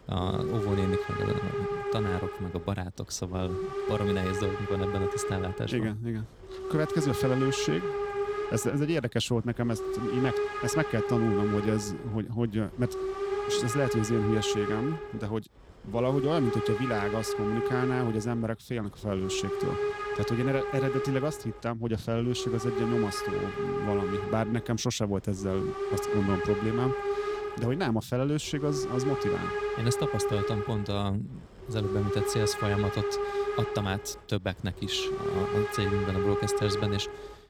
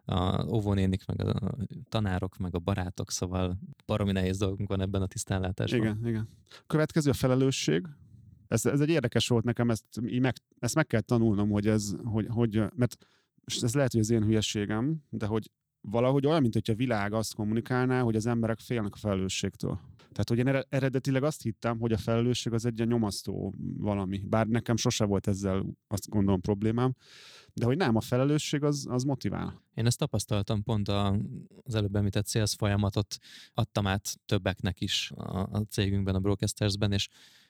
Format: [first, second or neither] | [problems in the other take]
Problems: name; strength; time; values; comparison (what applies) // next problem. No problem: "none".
second | hiss; loud; throughout; 1 dB below the speech